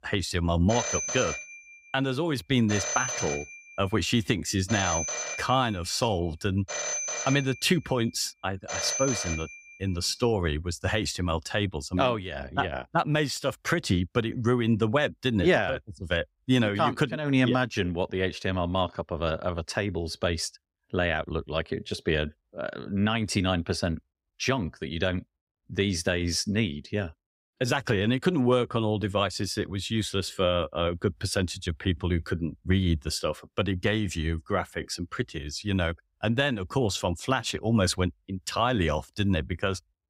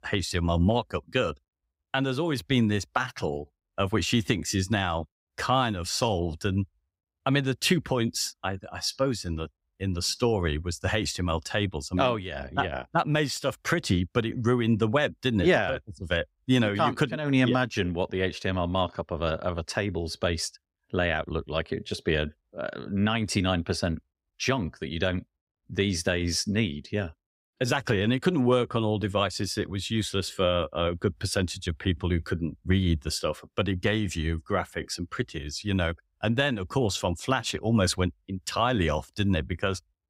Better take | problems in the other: second | phone ringing; noticeable; from 0.5 to 9.5 s; peak 1 dB below the speech

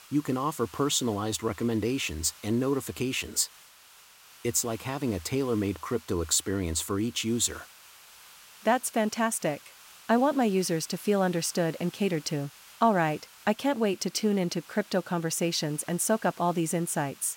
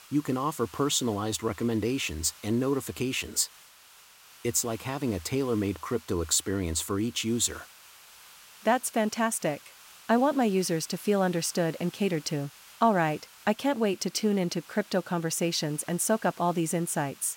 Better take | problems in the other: neither | hiss; faint; throughout; 20 dB below the speech; the same in both

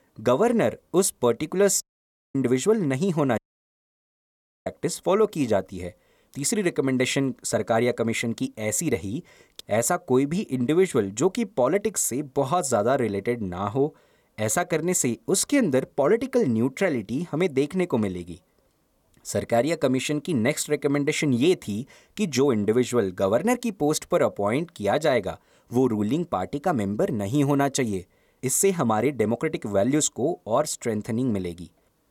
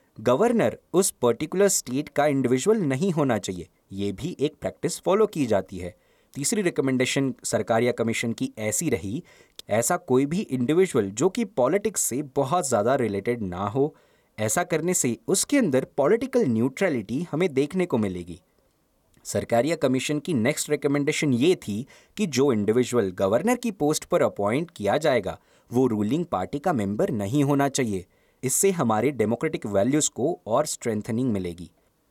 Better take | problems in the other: second | audio cutting out; at 2 s for 0.5 s and at 3.5 s for 1.5 s

